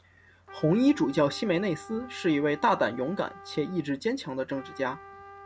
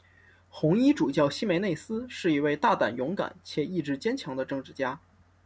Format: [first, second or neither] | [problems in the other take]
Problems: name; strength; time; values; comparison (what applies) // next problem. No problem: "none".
second | background sound (Trumpet); 19 dB below the speech